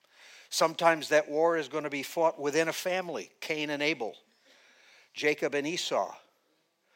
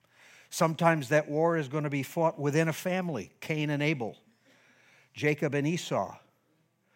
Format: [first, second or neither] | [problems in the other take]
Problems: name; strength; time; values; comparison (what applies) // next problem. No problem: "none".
second | thin; somewhat; fading below 400 Hz